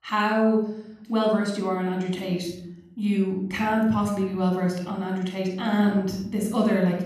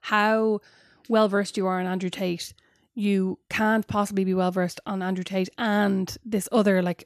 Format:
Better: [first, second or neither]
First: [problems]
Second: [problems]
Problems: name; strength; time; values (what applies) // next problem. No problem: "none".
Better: second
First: off-mic speech; somewhat distant // room echo; noticeable; dies away in 0.7 s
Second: none